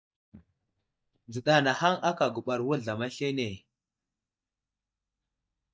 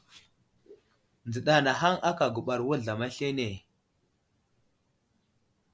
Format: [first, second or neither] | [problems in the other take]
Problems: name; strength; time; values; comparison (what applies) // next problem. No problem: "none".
second | noise reduction (neural mask model DeepFilterNet 3)